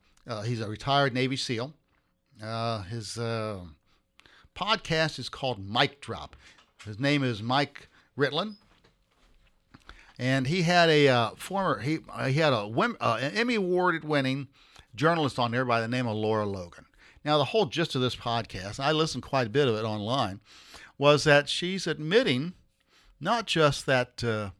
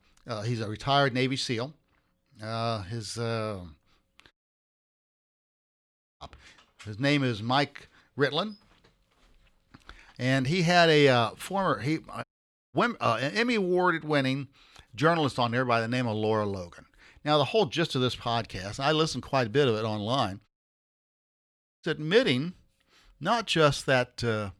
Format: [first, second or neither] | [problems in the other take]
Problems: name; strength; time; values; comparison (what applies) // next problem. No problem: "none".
first | audio cutting out; at 4.5 s for 2 s, at 12 s and at 20 s for 1.5 s